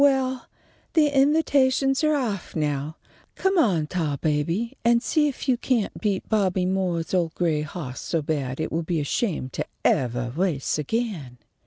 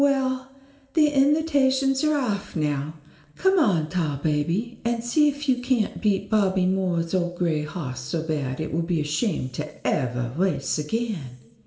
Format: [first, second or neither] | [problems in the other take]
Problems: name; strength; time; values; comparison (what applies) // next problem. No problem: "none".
first | room echo; dies away in 1.6 s